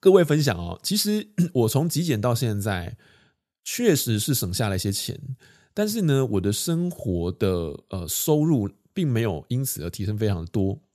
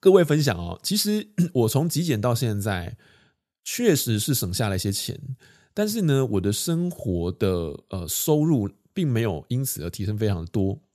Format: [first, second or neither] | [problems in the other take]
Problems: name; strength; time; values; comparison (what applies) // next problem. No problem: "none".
neither | none